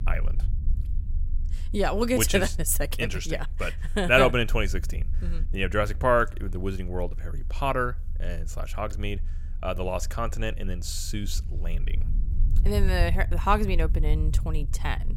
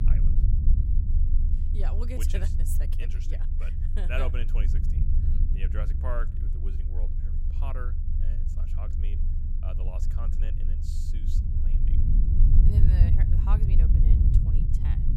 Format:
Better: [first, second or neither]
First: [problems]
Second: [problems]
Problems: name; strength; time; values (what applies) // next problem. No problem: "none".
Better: first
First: low rumble; faint; throughout; 25 dB below the speech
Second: low rumble; loud; throughout; 2 dB below the speech